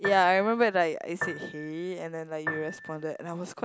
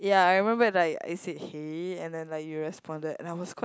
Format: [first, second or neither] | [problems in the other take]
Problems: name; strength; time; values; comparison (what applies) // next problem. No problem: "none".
second | background sound (Piano); 11 dB below the speech